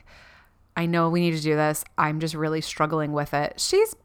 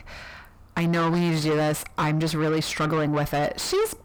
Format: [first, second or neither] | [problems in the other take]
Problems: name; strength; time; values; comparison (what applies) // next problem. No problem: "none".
first | distortion; heavy; 6 dB below the speech